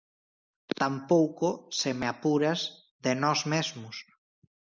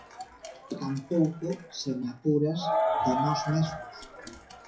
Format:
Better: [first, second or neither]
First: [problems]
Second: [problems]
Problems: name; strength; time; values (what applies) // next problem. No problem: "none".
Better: first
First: none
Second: noise reduction (classical method WPE with log-MMSE)